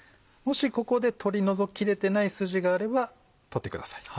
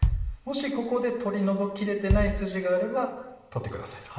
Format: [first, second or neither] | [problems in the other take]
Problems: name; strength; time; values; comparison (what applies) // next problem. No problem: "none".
first | background sound (Bass drum); 3 dB below the speech // room echo; dies away in 1 s